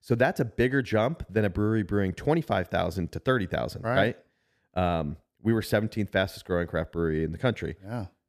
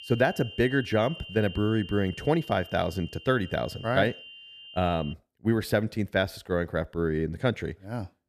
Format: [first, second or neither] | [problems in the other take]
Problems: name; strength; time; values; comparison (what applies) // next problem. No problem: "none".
first | high-pitched whine; noticeable; until 5 s; 3 kHz, 15 dB below the speech